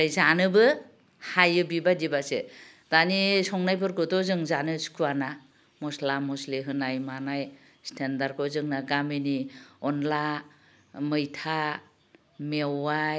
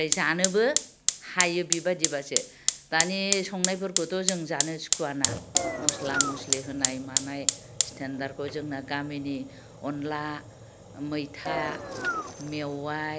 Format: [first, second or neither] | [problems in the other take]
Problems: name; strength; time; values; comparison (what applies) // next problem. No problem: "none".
first | background sound (Fire + Engine); as loud as the speech